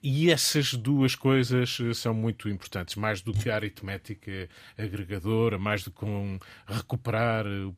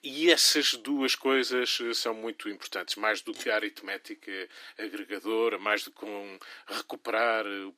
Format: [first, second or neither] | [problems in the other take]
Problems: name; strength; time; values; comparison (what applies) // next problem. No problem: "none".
first | thin; somewhat; fading below 300 Hz